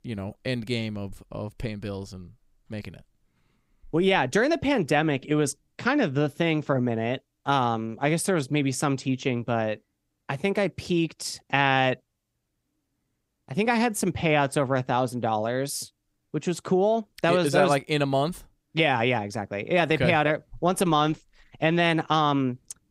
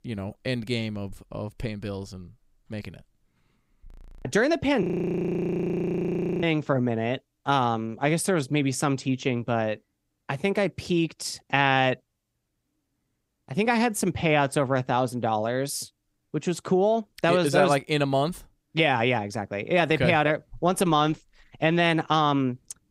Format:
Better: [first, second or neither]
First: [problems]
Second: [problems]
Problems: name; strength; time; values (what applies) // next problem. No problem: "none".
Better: first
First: none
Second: audio freezing; at 4 s and at 5 s for 1.5 s